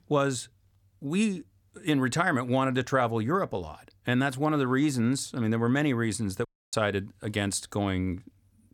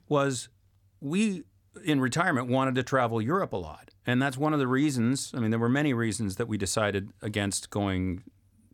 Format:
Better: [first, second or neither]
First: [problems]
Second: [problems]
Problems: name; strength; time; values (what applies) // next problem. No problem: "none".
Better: second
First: audio cutting out; at 6.5 s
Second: none